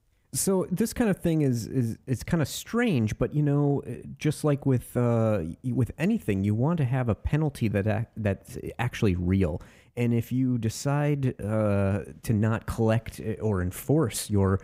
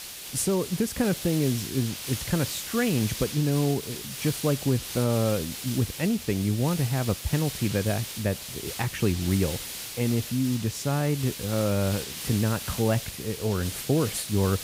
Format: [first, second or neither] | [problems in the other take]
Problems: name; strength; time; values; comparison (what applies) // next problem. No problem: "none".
first | hiss; loud; throughout; 7 dB below the speech